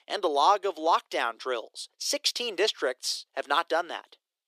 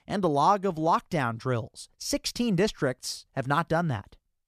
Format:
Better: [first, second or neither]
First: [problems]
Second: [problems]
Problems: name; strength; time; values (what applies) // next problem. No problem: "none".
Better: second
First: thin; very; fading below 350 Hz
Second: none